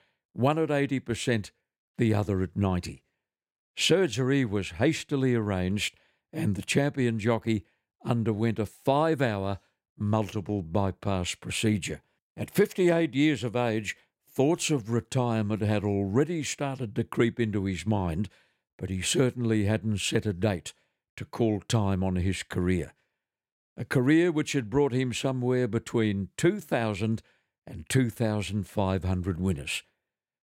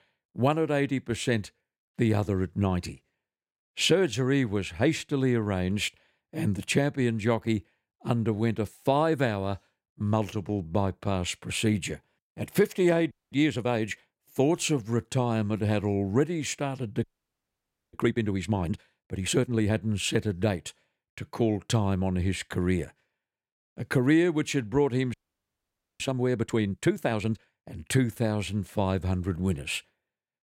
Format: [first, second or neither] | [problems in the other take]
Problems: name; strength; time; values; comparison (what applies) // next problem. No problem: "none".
first | audio freezing; at 13 s, at 17 s for 1 s and at 25 s for 1 s